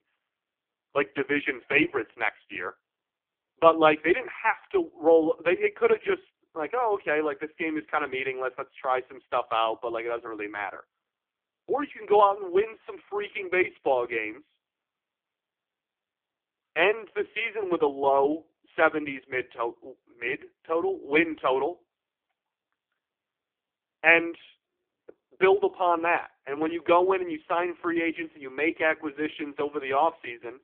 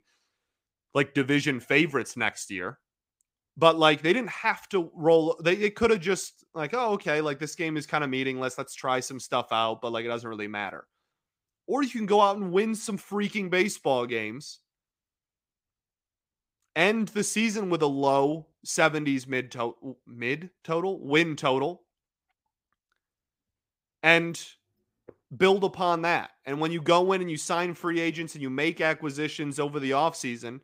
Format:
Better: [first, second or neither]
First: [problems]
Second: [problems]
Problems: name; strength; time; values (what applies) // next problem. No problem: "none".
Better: second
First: phone-call audio; poor line; nothing above 3.5 kHz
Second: none